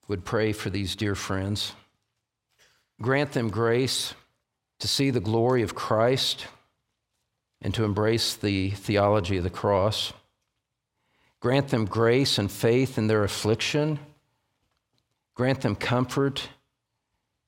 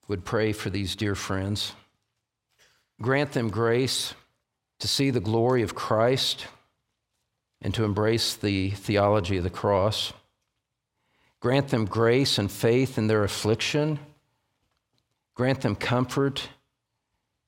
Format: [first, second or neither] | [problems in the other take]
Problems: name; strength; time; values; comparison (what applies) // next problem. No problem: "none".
neither | none